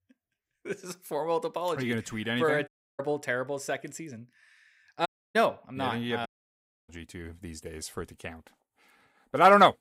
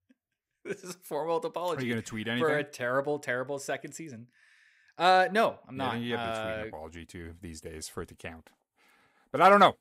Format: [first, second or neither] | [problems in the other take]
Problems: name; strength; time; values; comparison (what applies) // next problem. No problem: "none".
second | audio cutting out; at 2.5 s, at 5 s and at 6.5 s for 0.5 s